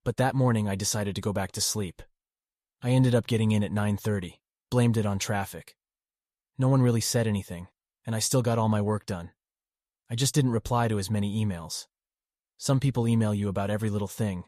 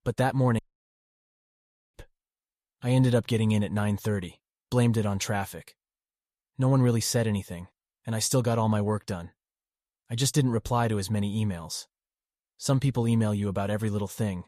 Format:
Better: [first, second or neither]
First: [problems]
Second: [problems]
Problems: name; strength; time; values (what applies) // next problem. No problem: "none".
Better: first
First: none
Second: audio cutting out; at 0.5 s for 1.5 s